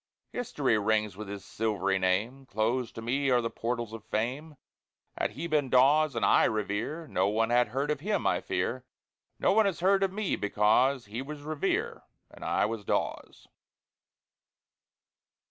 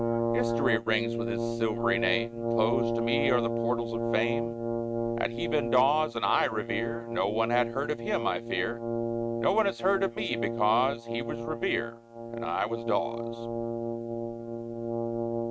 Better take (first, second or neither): first